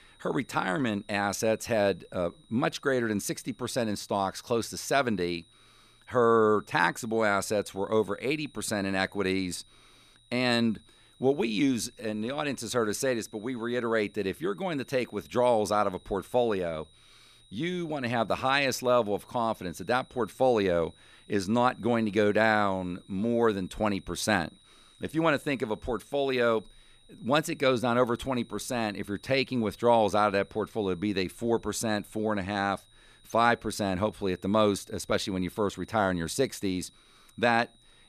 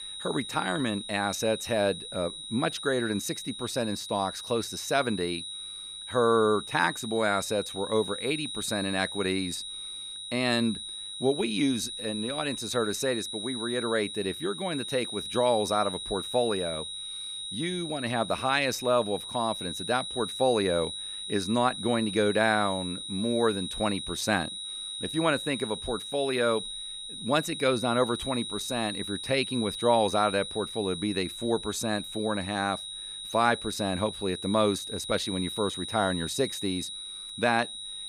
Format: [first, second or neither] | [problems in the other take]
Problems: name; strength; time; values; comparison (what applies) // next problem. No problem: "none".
first | high-pitched whine; loud; throughout; 4 kHz, 6 dB below the speech; faint in the first